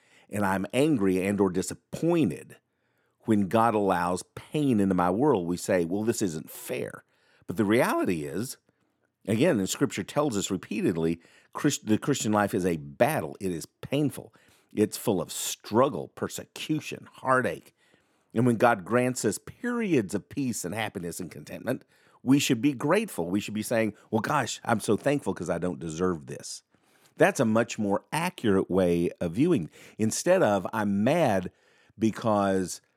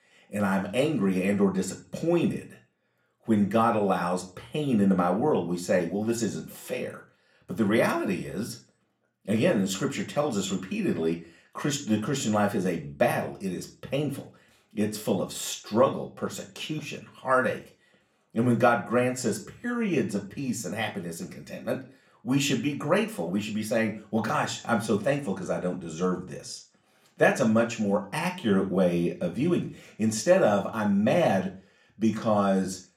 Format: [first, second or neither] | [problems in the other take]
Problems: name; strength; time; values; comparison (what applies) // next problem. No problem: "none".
first | room echo; very slight; dies away in 0.3 s // off-mic speech; somewhat distant